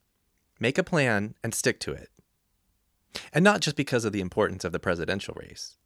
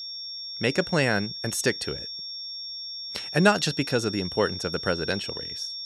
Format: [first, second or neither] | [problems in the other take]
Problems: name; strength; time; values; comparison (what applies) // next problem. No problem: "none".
first | high-pitched whine; loud; throughout; 5.5 kHz, 7 dB below the speech